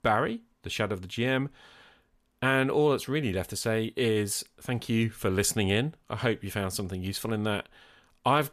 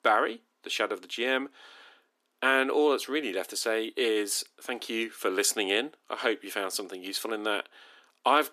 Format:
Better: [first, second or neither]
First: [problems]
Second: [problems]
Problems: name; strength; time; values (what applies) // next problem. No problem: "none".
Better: first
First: none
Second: thin; somewhat; fading below 300 Hz